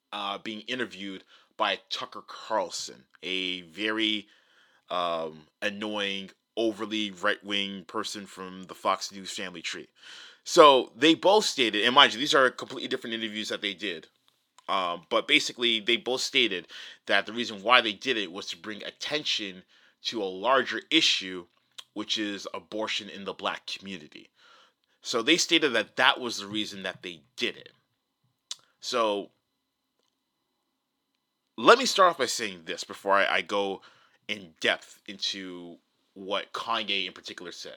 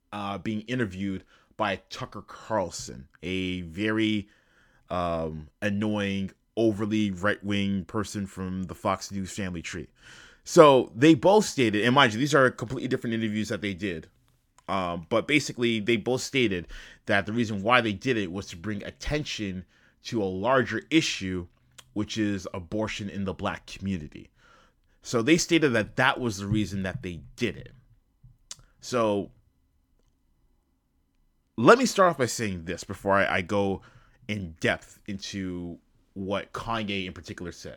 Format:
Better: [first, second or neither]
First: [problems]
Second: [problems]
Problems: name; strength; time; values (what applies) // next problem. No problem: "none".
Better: second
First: thin; somewhat; fading below 350 Hz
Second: none